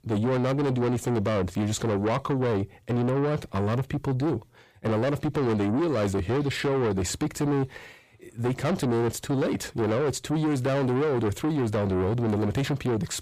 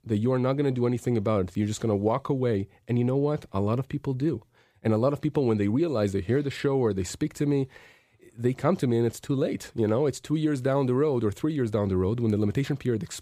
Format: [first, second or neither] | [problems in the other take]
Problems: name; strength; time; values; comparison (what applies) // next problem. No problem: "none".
second | distortion; heavy; 7 dB below the speech